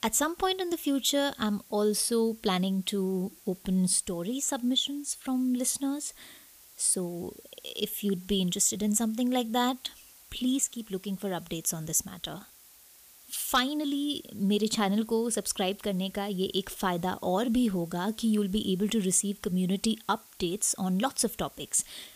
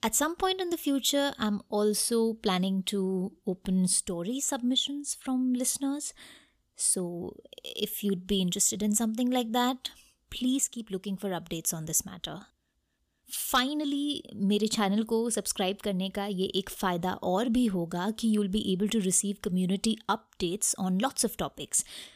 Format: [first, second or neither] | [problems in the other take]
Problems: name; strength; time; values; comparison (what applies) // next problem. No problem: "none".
second | hiss; faint; throughout; 25 dB below the speech